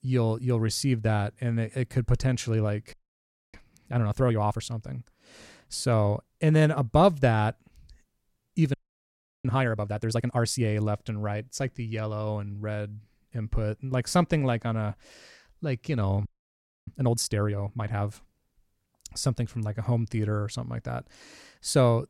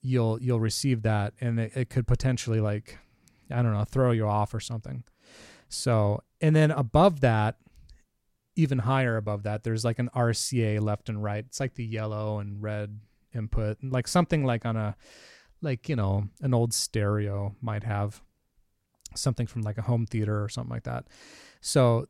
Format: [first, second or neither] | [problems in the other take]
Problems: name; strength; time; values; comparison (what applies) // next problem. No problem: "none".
second | audio freezing; at 3 s for 0.5 s, at 8.5 s for 0.5 s and at 16 s for 0.5 s